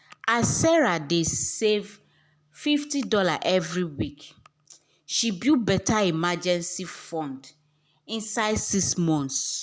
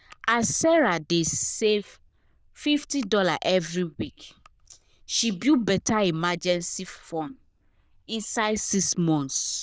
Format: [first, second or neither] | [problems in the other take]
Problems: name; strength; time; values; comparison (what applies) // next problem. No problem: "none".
first | noise reduction (neural diffusion model UNIVERSE++)